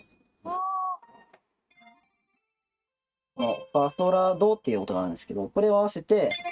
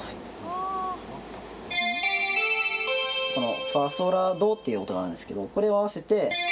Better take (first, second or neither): second